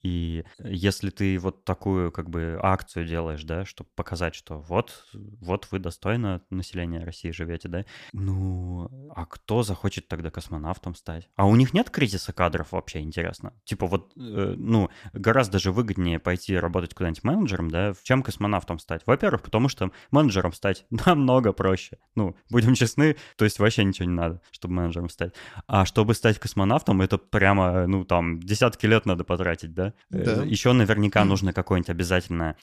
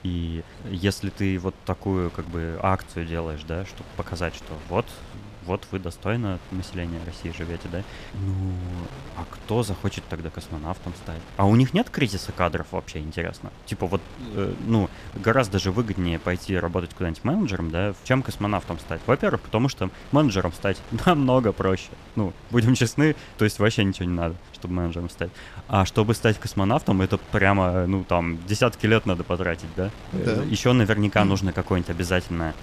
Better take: first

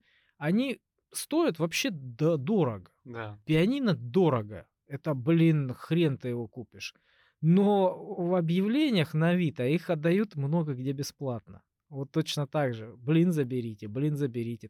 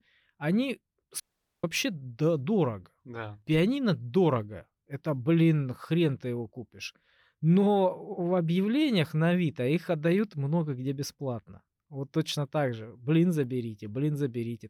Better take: first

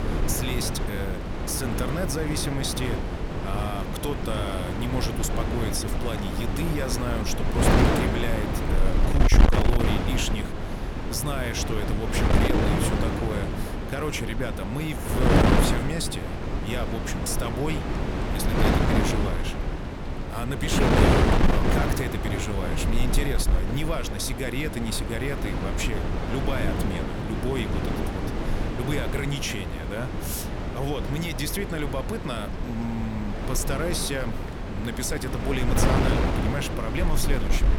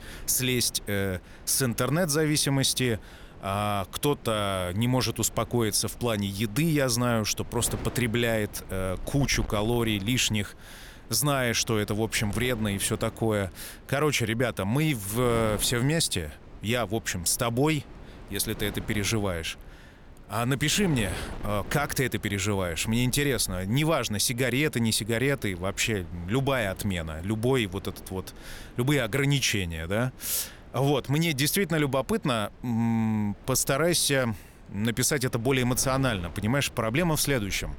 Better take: second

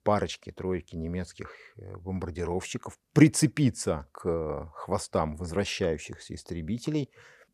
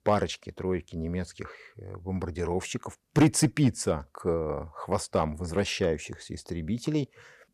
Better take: first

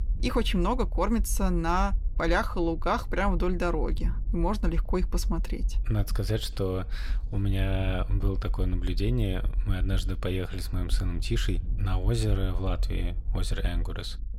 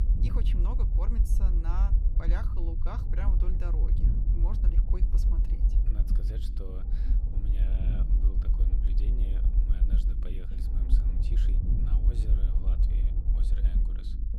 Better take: first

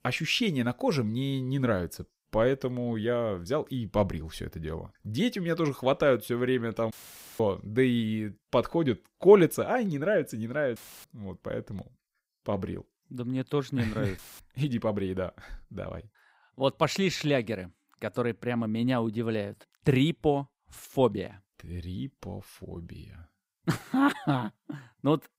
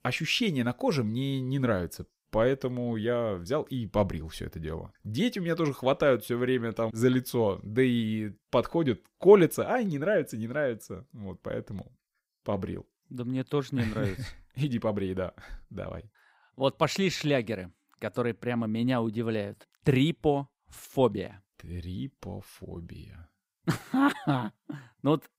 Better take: second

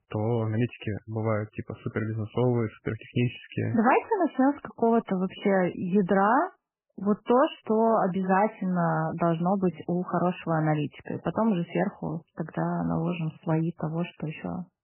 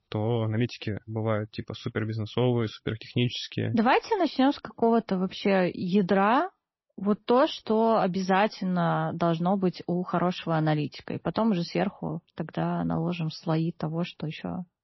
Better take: second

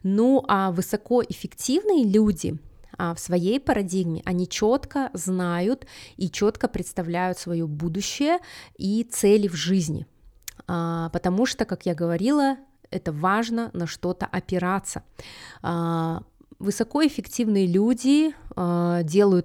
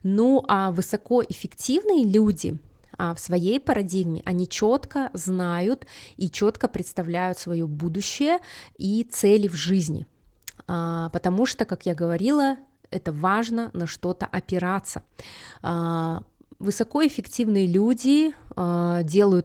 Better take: first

